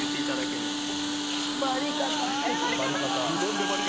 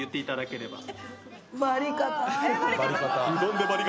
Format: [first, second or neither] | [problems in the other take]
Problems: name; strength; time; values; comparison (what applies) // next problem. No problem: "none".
second | background sound (Engine + Wind instrument, woodwind instrument); 1 dB above the speech